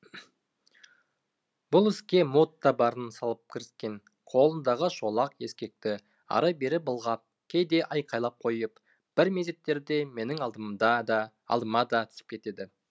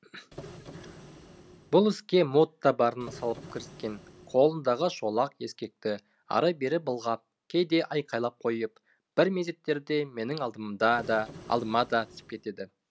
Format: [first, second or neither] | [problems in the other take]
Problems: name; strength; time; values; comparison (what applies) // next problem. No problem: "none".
first | background sound (Printer); 18 dB below the speech